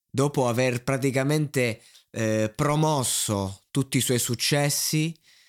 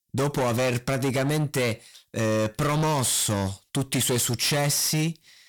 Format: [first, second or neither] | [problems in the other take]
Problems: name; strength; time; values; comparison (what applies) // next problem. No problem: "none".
first | distortion; heavy; 21% of the sound clipped